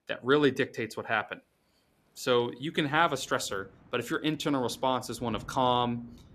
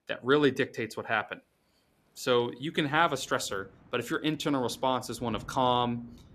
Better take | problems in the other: neither | rain or running water; faint; throughout; 25 dB below the speech; the same in both

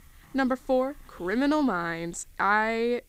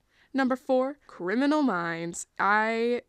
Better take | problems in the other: second | hiss; faint; throughout; 30 dB below the speech

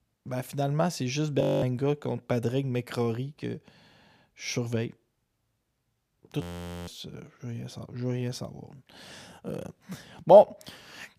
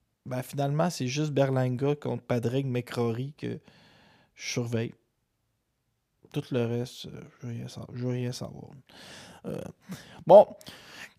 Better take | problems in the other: second | audio freezing; at 1.5 s and at 6.5 s

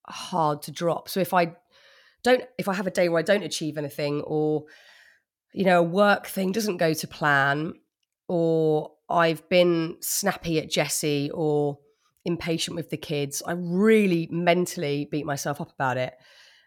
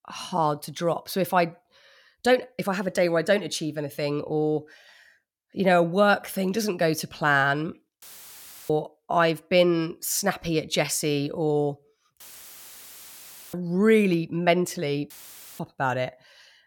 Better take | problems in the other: first | audio cutting out; filled with static; at 8 s for 0.5 s, at 12 s for 1.5 s and at 15 s

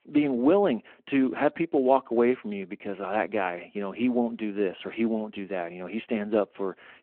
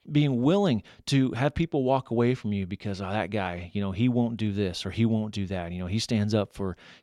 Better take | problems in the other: second | phone-call audio

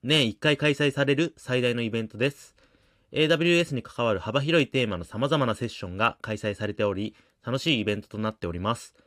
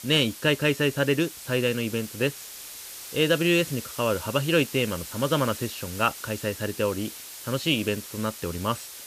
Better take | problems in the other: first | hiss; noticeable; throughout; 10 dB below the speech

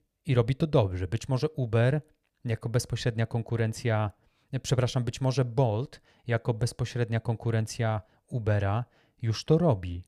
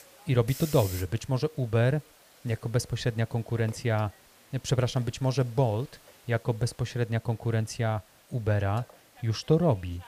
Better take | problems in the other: first | hiss; noticeable; throughout; 20 dB below the speech

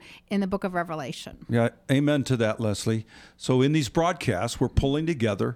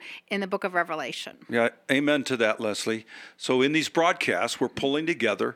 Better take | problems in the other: first | thin; very slightly; fading below 300 Hz

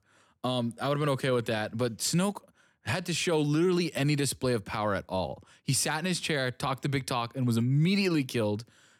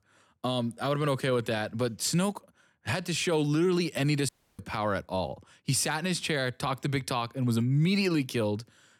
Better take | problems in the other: first | audio cutting out; at 4.5 s

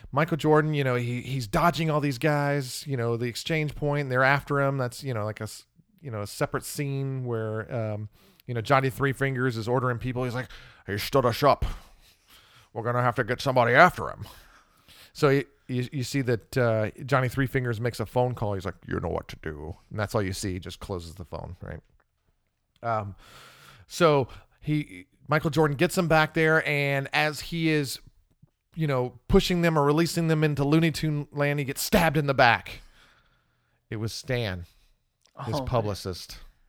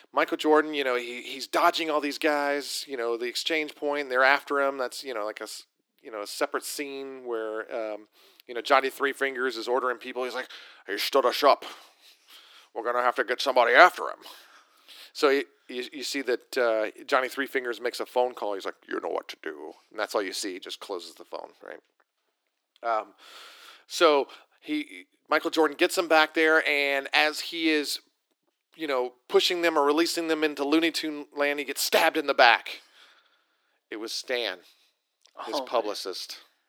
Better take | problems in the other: first | thin; somewhat; fading below 300 Hz

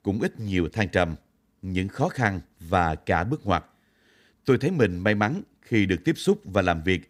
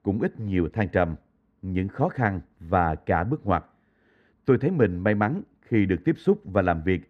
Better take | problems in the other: first | muffled; very; fading above 3 kHz

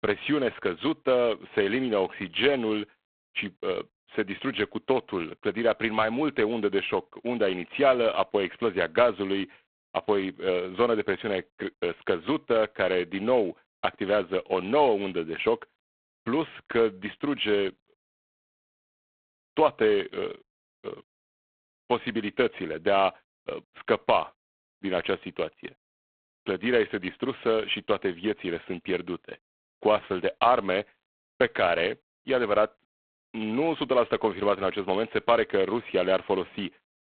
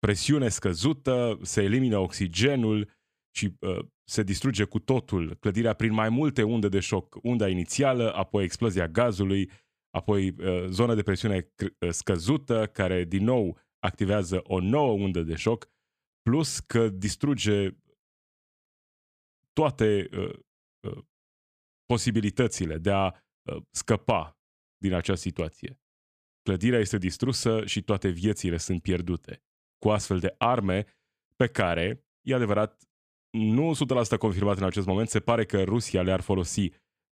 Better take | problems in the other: second | phone-call audio; poor line

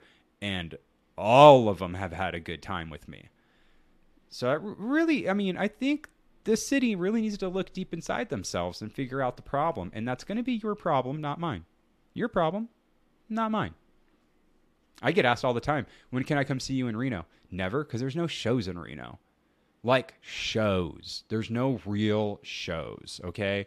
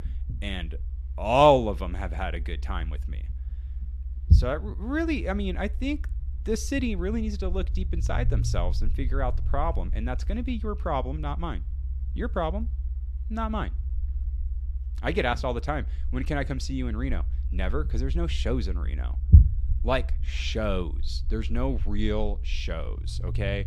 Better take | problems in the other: first | low rumble; noticeable; throughout; 20 dB below the speech

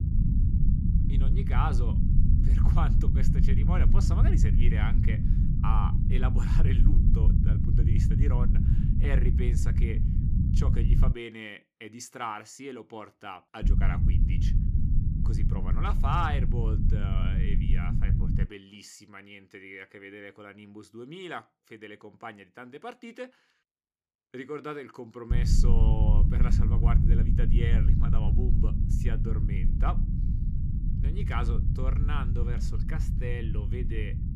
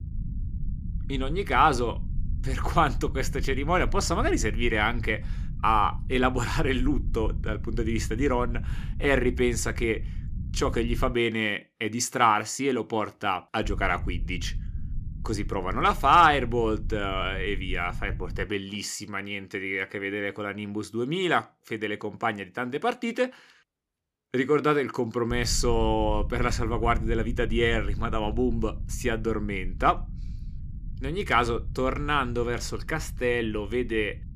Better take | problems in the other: second | low rumble; loud; until 11 s, from 14 to 18 s and from 25 s on; 2 dB below the speech; faint in the second

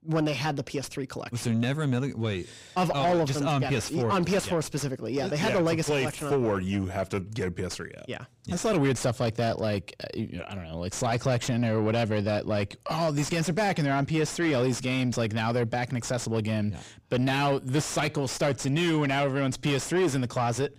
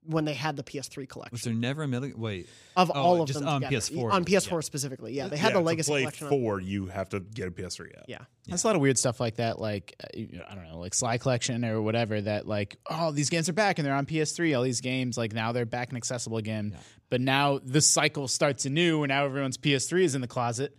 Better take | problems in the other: second | distortion; heavy; 6 dB below the speech

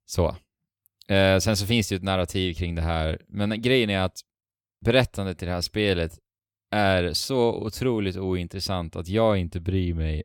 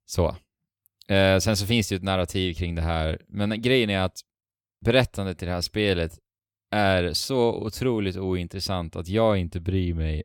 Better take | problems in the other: neither | none

